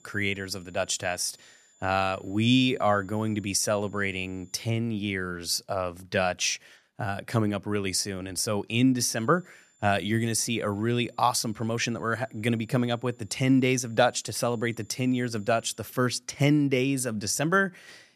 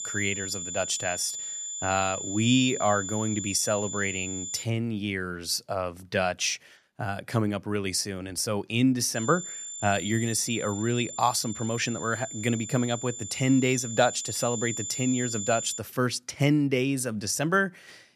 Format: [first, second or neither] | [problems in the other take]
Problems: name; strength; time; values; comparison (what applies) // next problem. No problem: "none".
first | high-pitched whine; loud; until 4.5 s and from 9 to 16 s; 7 kHz, 6 dB below the speech; faint in the first